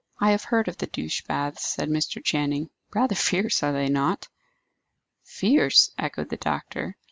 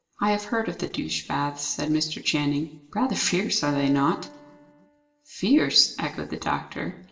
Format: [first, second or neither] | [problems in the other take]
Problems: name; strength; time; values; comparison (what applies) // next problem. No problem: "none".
first | background sound (Piano); 17 dB below the speech // room echo; dies away in 1.3 s